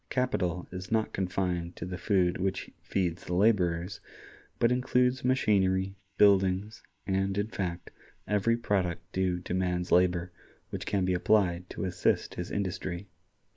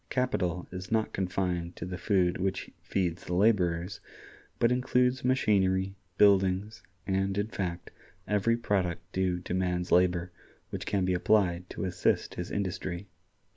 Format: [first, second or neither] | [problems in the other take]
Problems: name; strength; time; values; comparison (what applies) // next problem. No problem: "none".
second | noise reduction (neural mask model Resemble Enhance denoiser)